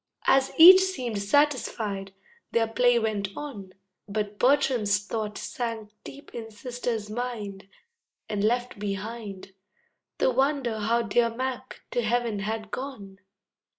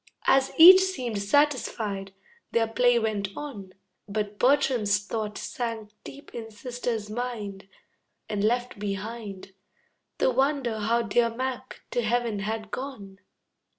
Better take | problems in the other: second | noise reduction (neural mask model Resemble Enhance denoiser)

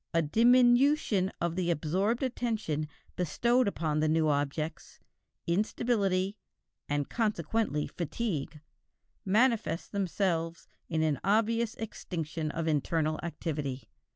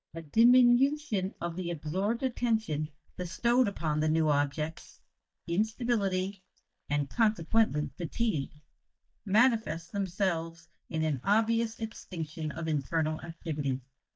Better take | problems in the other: first | noise reduction (neural mask model DeepFilterNet 3)

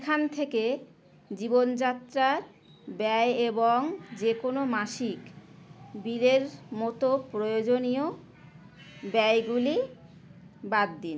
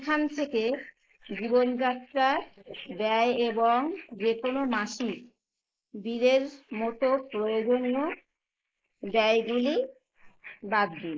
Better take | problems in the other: first | noise reduction (neural mask model Resemble Enhance denoiser)

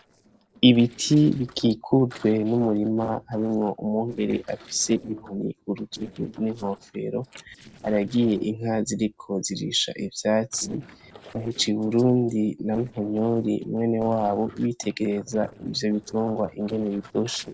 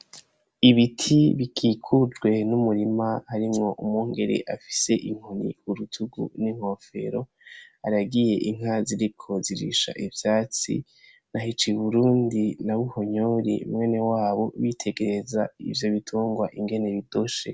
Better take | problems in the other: second | noise reduction (neural separator model SepFormer DNS4)

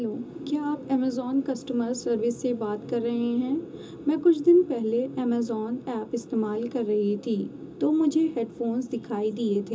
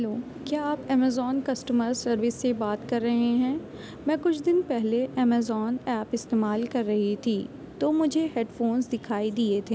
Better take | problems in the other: second | room echo; dies away in 0.2 s

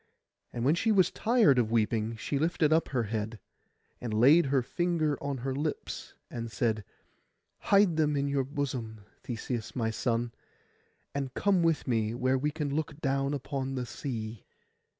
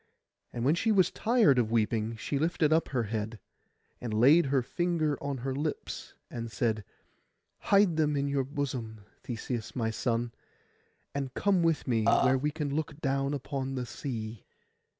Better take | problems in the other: first | background sound (Burping, eructation); 2 dB above the speech

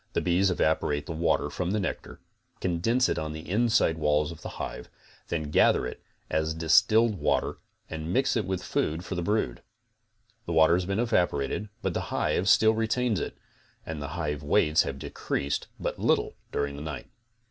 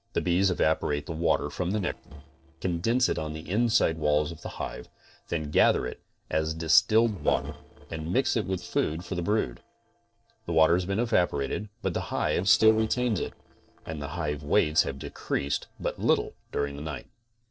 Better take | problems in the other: first | noise reduction (neural separator model SepFormer DNS4)

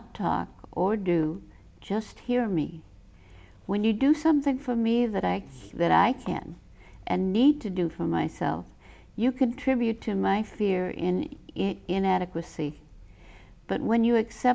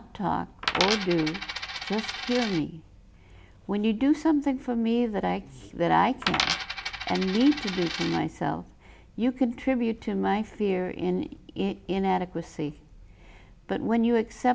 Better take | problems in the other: first | background sound (Coin (dropping)); 4 dB below the speech

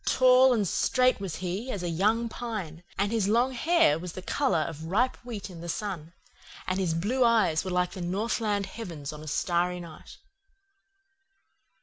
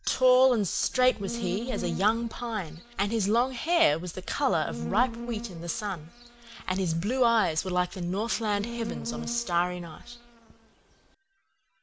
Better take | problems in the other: first | background sound (Insect); 12 dB below the speech

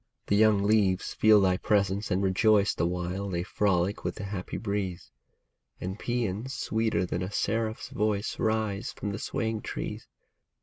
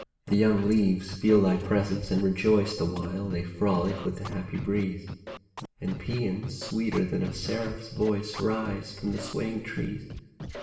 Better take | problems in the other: first | background sound (Scratching (performance technique)); 14 dB below the speech // room echo; dies away in 0.9 s

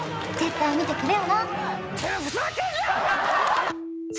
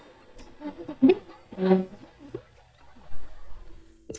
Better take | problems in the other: first | noise reduction (neural mask model DeepFilterNet 3)

